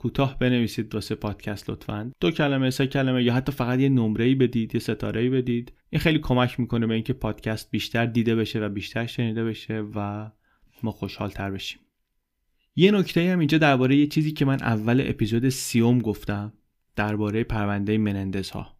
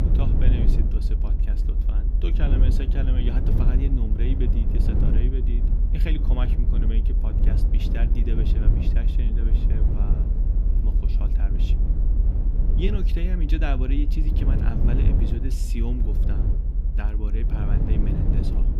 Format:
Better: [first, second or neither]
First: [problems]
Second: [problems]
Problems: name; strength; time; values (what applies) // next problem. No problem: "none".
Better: first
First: none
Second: low rumble; loud; throughout; 1 dB below the speech